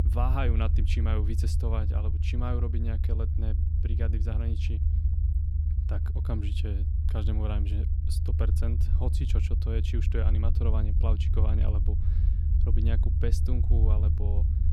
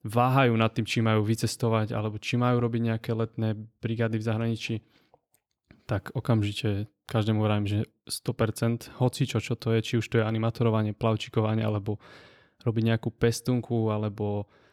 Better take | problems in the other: second | low rumble; loud; throughout; 5 dB below the speech

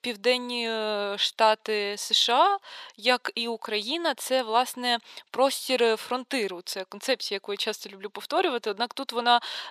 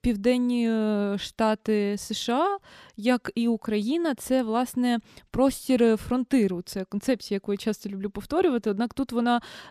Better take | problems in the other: second | thin; very; fading below 600 Hz

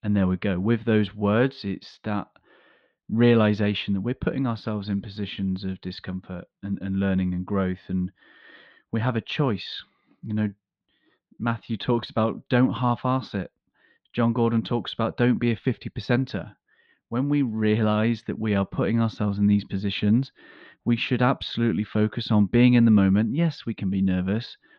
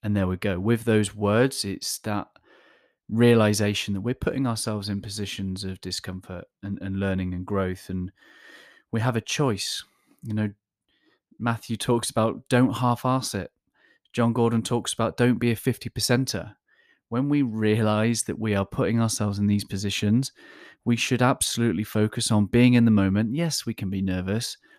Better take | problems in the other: second | muffled; slightly; fading above 4 kHz

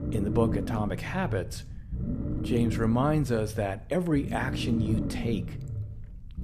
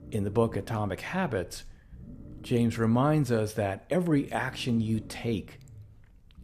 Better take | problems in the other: second | low rumble; loud; throughout; 8 dB below the speech; faint in the second

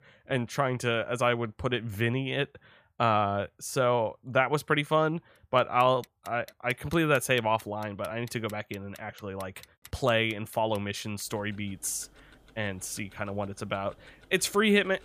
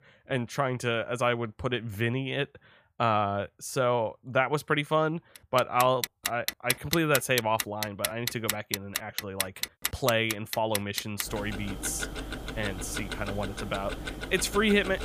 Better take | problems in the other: first | household noises; loud; from 5.5 s on; 5 dB below the speech; faint in the first

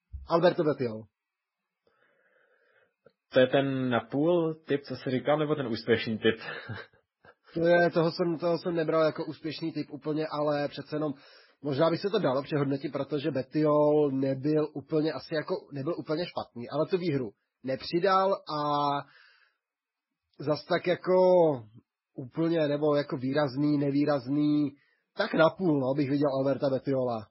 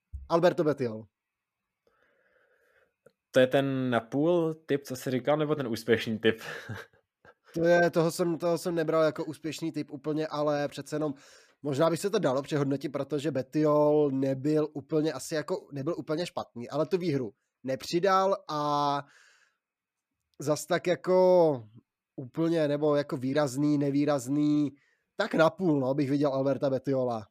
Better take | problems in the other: second | garbled, watery; badly; nothing above 5.5 kHz

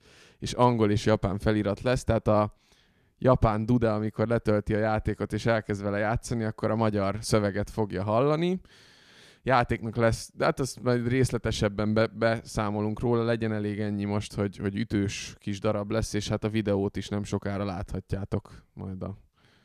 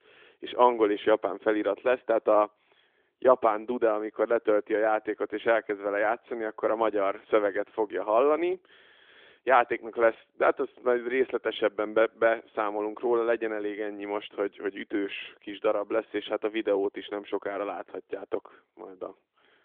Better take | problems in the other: first | phone-call audio; nothing above 3.5 kHz

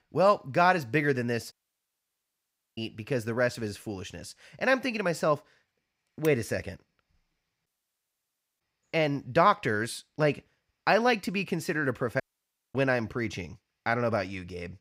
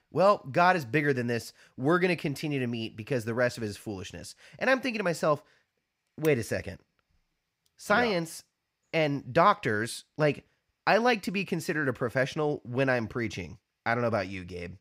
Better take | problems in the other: second | audio cutting out; at 1.5 s for 1.5 s, at 7.5 s for 1 s and at 12 s for 0.5 s

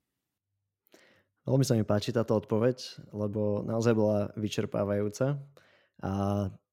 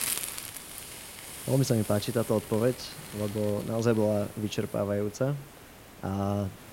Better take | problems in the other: first | hiss; noticeable; throughout; 10 dB below the speech

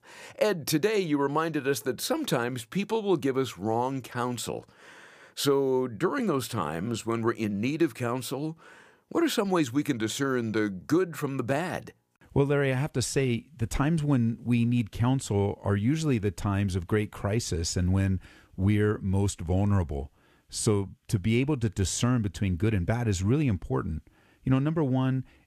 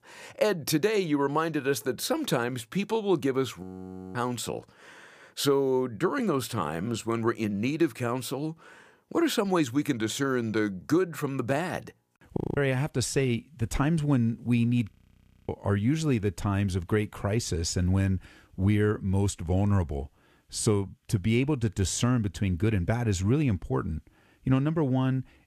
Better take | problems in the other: first | audio freezing; at 3.5 s for 0.5 s, at 12 s and at 15 s for 0.5 s

